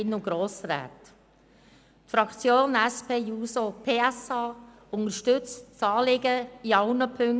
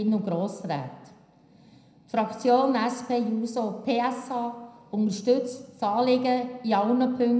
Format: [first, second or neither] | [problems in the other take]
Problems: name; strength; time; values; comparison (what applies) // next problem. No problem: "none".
first | room echo; dies away in 0.7 s